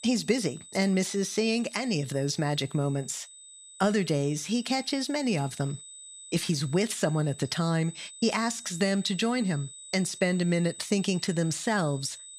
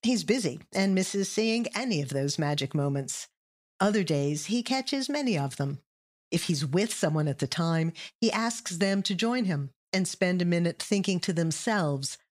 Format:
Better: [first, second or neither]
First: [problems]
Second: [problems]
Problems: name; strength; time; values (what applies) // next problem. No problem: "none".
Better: second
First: high-pitched whine; noticeable; throughout; 8 kHz, 15 dB below the speech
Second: none